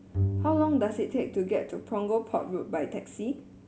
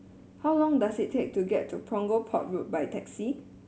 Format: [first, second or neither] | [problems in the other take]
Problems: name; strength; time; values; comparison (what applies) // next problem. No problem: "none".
second | background sound (Bowed string instrument); 6 dB below the speech